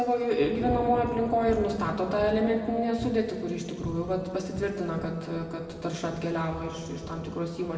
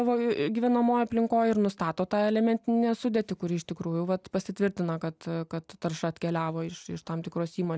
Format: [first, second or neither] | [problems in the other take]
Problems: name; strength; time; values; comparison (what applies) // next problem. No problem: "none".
second | background sound (Thunder / Rain); 11 dB below the speech // room echo; dies away in 2.3 s